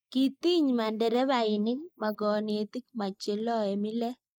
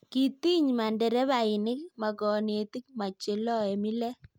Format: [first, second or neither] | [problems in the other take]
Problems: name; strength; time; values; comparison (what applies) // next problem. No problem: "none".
second | noise reduction (neural mask model Resemble Enhance denoiser)